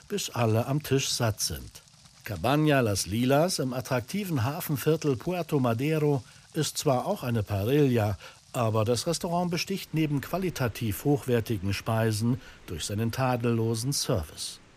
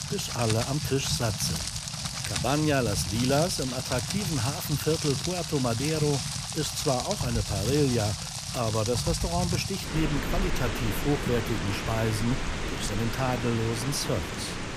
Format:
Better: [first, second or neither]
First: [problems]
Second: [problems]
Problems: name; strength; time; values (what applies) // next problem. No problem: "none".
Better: first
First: rain or running water; faint; throughout; 25 dB below the speech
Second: rain or running water; loud; throughout; 2 dB below the speech